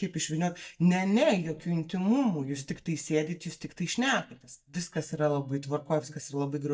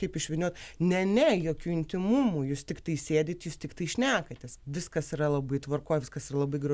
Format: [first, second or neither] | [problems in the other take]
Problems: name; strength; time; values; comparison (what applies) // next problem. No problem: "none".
second | noise reduction (neural mask model DeepFilterNet 3)